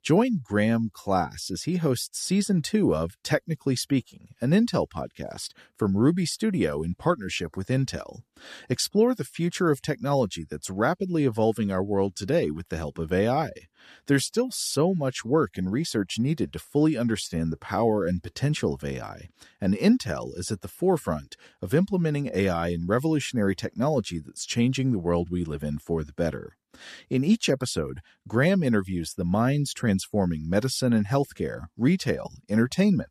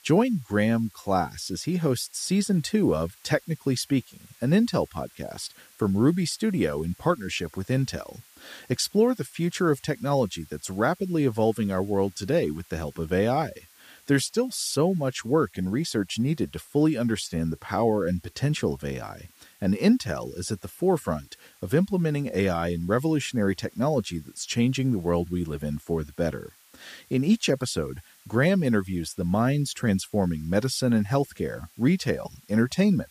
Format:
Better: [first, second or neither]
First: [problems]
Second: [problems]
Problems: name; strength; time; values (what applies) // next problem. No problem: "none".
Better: first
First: none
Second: hiss; faint; throughout; 25 dB below the speech